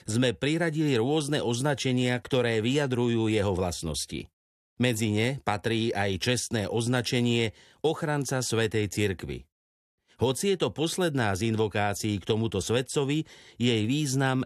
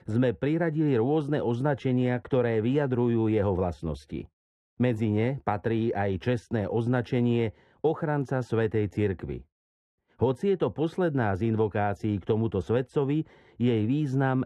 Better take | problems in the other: first | muffled; very; fading above 3 kHz

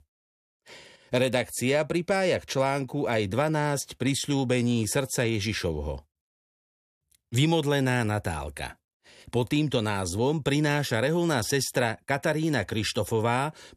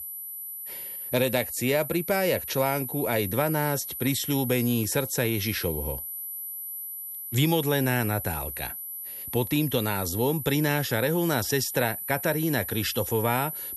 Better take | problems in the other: first | high-pitched whine; loud; throughout; 12 kHz, 6 dB below the speech

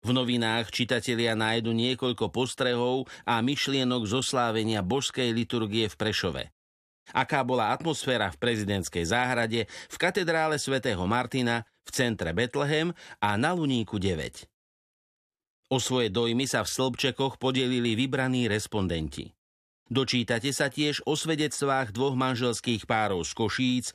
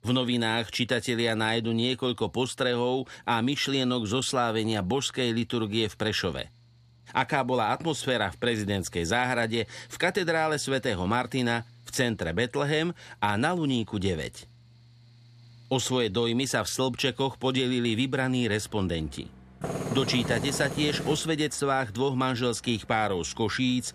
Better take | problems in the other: first | machinery noise; noticeable; throughout; 15 dB below the speech

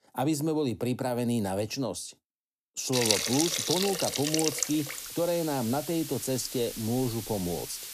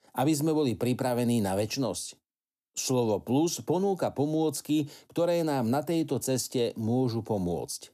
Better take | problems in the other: second | hiss; loud; from 3 s on; 1 dB below the speech

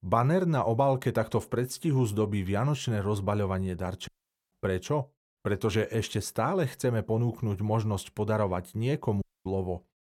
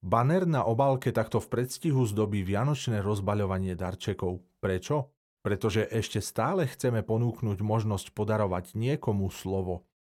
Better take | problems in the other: second | audio cutting out; at 4 s and at 9 s

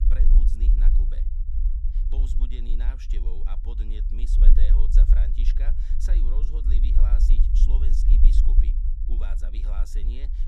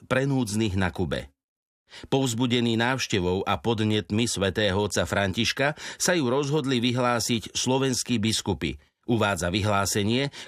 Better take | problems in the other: second | low rumble; loud; throughout; 1 dB below the speech

